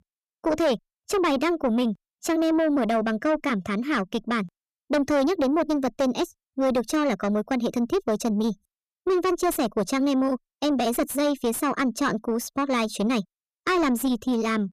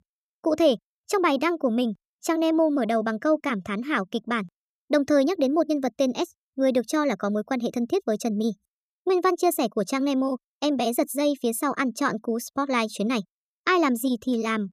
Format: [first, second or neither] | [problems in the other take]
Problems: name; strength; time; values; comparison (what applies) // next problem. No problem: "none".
second | distortion; slight; 10 dB below the speech